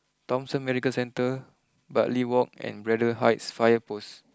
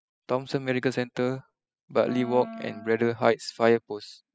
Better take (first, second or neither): first